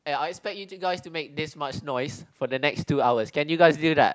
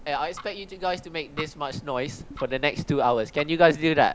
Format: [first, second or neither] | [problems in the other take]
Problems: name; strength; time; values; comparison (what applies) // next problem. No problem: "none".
first | background sound (Tick-tock); 19 dB below the speech